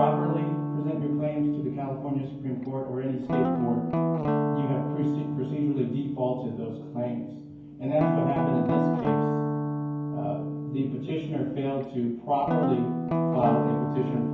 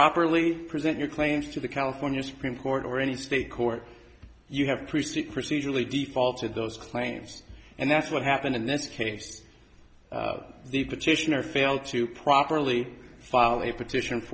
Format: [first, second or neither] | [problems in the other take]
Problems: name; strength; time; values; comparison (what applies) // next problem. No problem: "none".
second | background sound (Guitar); 1 dB above the speech // room echo; dies away in 0.9 s